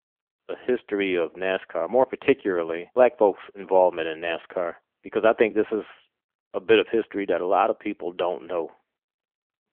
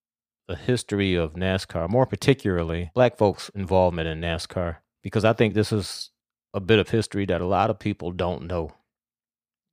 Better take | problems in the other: second | phone-call audio; nothing above 3.5 kHz

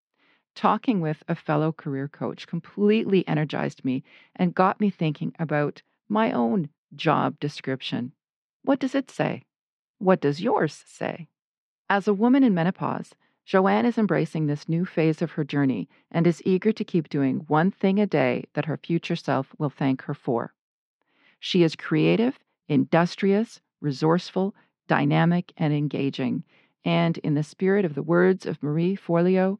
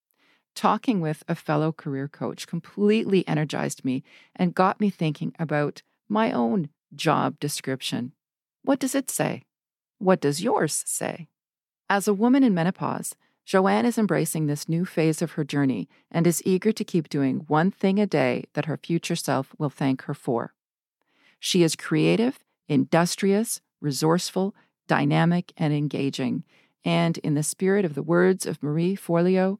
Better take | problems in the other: second | muffled; slightly; fading above 4 kHz

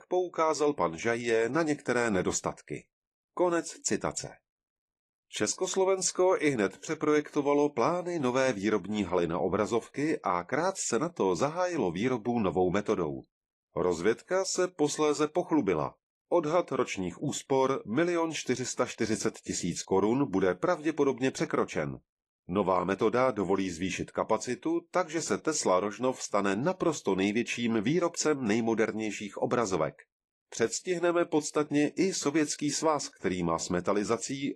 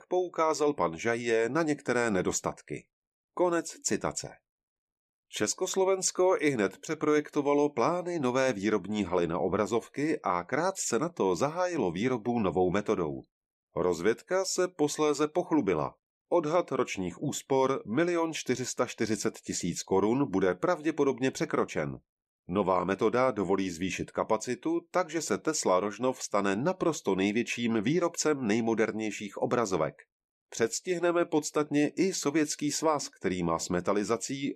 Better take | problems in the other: second | garbled, watery; slightly; nothing above 12 kHz

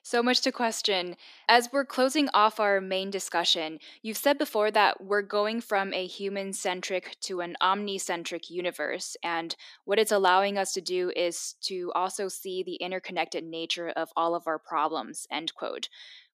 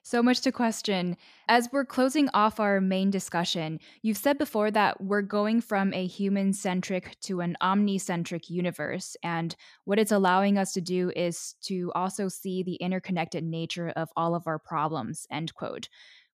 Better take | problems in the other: second | thin; somewhat; fading below 300 Hz

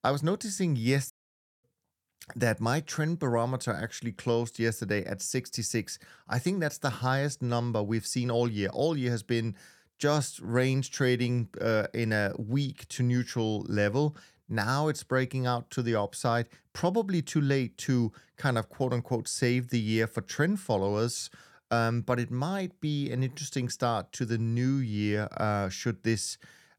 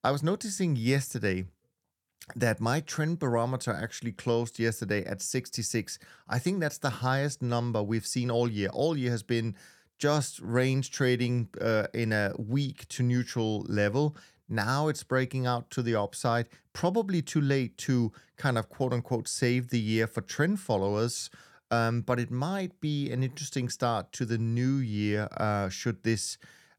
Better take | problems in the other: second | audio cutting out; at 1 s for 0.5 s

